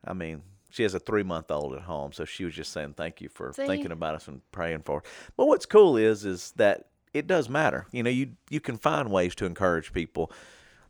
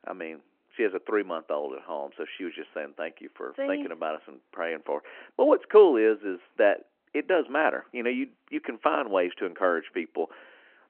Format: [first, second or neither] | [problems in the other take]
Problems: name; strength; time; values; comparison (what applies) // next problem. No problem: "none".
first | phone-call audio